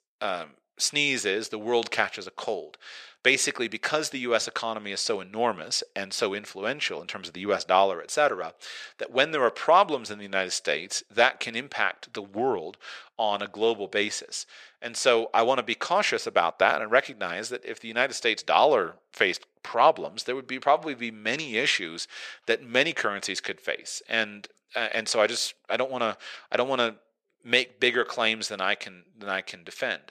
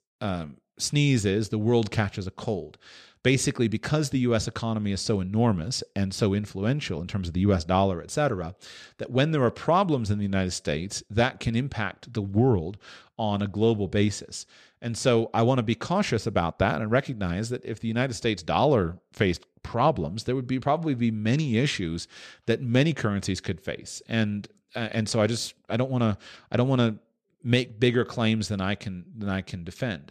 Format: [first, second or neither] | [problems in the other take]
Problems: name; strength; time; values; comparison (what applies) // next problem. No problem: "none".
second | thin; very; fading below 600 Hz